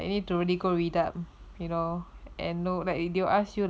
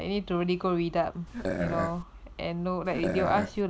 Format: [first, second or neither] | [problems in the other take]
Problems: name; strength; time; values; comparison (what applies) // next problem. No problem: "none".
first | background sound (Burping, eructation); 3 dB below the speech